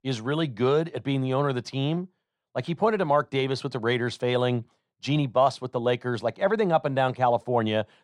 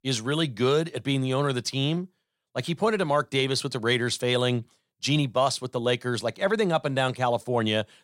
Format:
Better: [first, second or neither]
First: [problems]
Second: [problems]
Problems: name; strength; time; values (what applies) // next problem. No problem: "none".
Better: second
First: muffled; slightly; fading above 2 kHz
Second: none